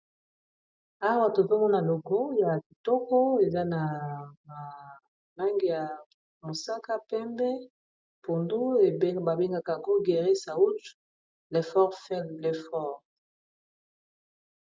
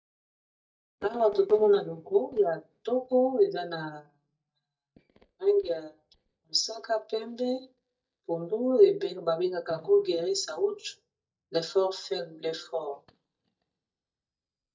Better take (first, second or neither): first